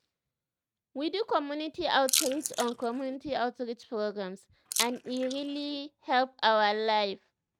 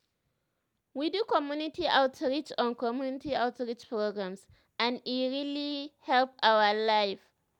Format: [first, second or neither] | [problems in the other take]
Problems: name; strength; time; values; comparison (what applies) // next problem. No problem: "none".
second | noise reduction (neural mask model RNNoise)